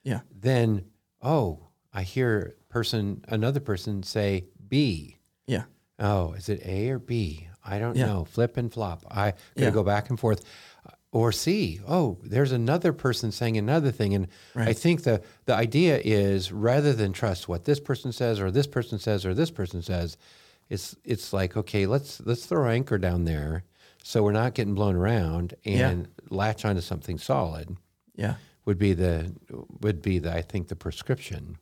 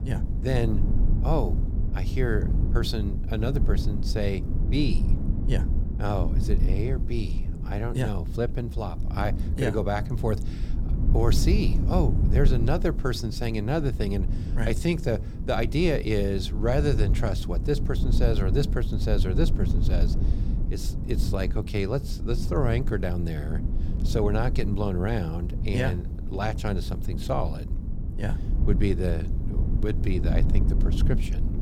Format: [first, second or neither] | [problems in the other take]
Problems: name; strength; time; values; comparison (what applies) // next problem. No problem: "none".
first | low rumble; loud; throughout; 9 dB below the speech